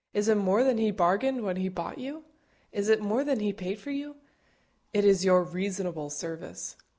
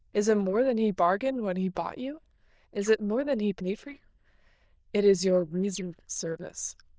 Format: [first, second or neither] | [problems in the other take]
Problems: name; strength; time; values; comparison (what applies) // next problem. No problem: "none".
first | noise reduction (neural diffusion model UNIVERSE++)